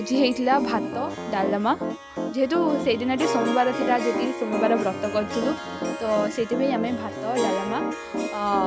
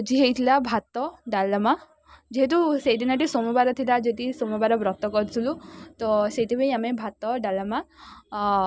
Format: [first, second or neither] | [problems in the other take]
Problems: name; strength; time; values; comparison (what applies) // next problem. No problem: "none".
second | background sound (Harp + Piano); 4 dB below the speech